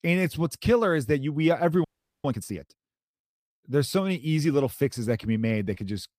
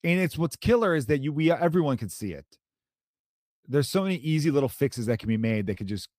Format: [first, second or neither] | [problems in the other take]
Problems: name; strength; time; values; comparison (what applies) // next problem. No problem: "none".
second | audio freezing; at 2 s